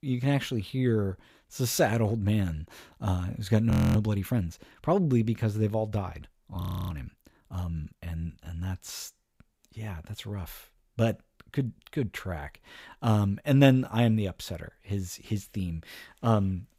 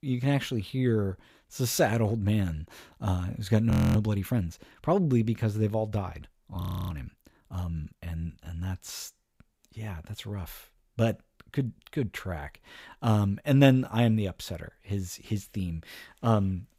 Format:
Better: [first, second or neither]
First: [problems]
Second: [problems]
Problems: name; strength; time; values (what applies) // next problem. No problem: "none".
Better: neither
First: audio freezing; at 3.5 s and at 6.5 s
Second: audio freezing; at 3.5 s and at 6.5 s